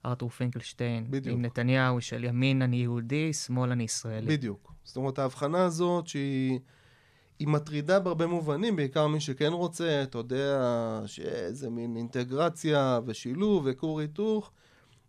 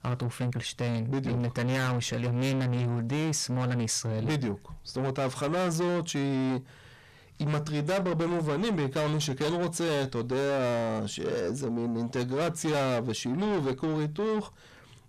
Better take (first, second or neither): first